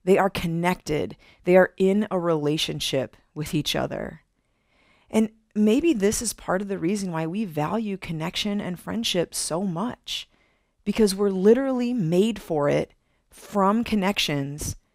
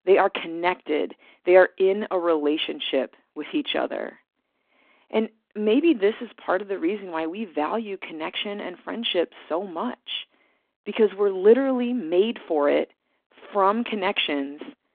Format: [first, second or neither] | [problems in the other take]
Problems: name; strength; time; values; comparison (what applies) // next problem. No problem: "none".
first | phone-call audio; nothing above 3.5 kHz